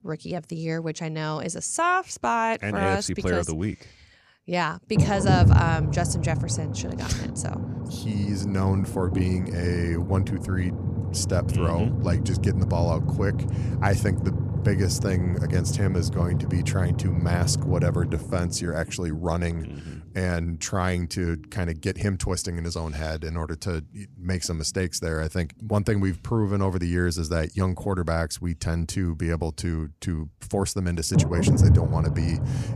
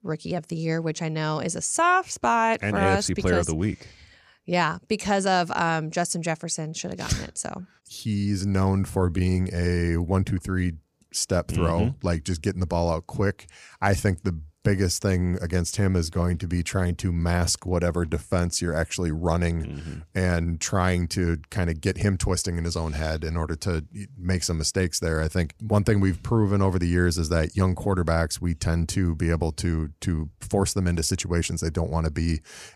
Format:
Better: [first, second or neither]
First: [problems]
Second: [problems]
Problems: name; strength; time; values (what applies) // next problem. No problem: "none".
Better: second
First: low rumble; loud; throughout; 7 dB below the speech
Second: none